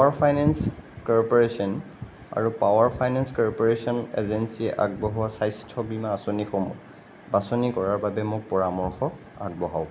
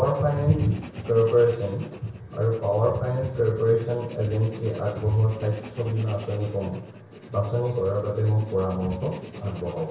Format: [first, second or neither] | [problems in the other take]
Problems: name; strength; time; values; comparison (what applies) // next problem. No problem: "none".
first | background sound (Writing); 17 dB below the speech // room echo; dies away in 0.6 s